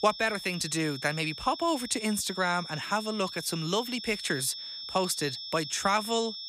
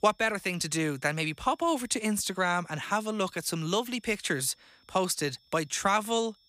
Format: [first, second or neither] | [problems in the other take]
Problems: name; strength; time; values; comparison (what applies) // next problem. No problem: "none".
second | high-pitched whine; loud; throughout; 5.5 kHz, 8 dB below the speech; faint in the second